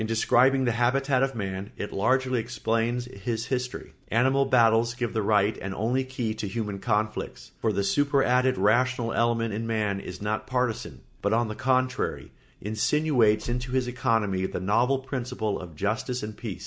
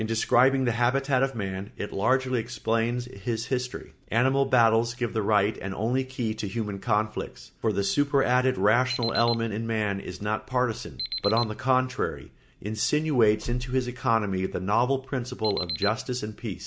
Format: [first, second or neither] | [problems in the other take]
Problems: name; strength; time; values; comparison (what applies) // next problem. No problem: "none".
first | background sound (Alarm); 9 dB below the speech